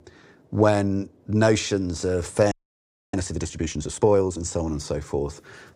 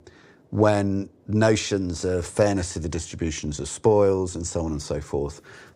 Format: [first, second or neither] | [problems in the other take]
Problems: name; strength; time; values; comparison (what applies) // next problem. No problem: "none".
second | audio freezing; at 2.5 s for 0.5 s